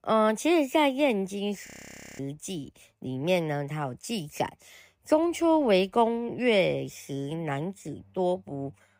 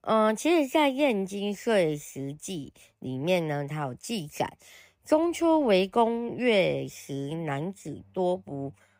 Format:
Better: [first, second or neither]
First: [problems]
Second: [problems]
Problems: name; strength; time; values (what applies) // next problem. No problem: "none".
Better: second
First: audio freezing; at 1.5 s for 0.5 s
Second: none